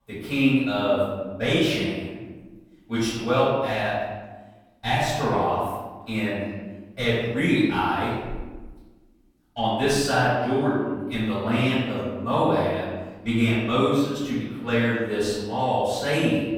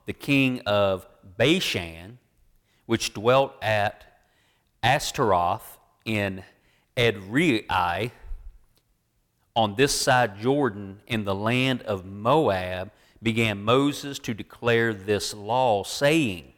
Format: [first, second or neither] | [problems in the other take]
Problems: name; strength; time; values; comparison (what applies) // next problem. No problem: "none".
second | room echo; strong; dies away in 1.2 s // off-mic speech; far